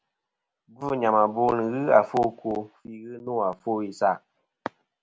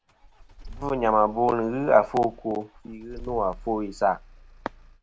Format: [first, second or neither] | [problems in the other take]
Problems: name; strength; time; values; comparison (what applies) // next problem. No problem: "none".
first | background sound (Engine starting / Car); 18 dB below the speech